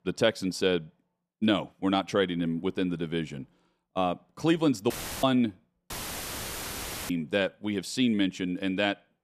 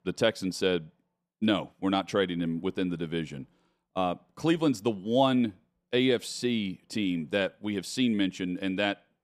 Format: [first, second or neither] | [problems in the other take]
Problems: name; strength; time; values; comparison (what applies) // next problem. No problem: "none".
second | audio cutting out; filled with static; at 5 s and at 6 s for 1 s